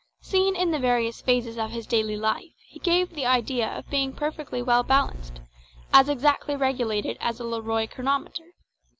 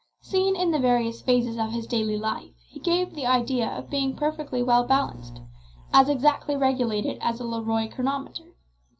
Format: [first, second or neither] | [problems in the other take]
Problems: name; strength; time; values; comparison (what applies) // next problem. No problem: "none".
first | room echo; dies away in 0.3 s